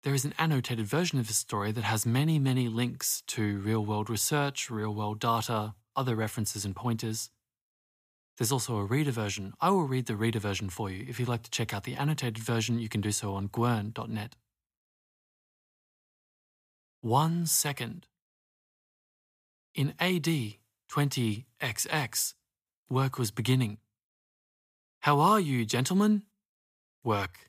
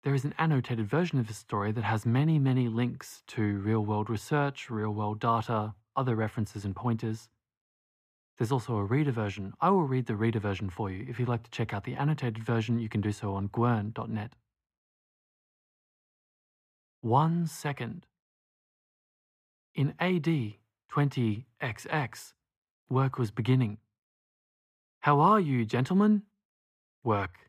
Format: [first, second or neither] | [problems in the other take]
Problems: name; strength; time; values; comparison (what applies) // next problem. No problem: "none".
first | muffled; very; fading above 3.5 kHz